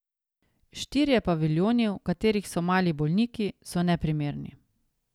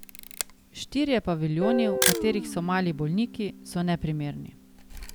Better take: first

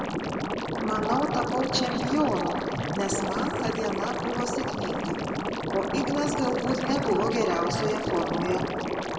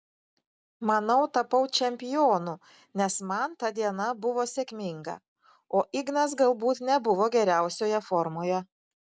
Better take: second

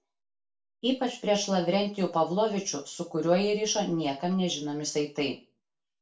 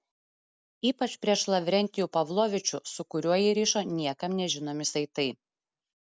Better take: second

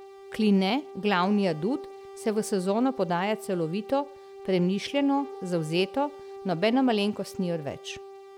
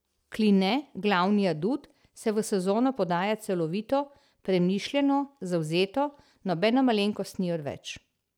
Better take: second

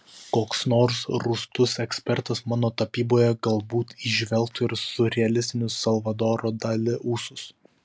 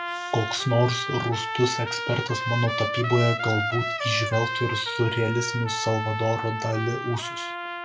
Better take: first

